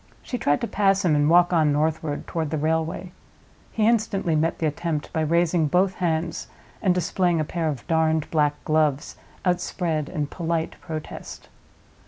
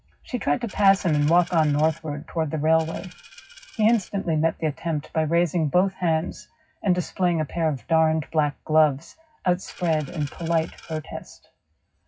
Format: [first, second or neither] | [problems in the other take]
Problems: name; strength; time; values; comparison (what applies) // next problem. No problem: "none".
first | noise reduction (classical method WPE with log-MMSE)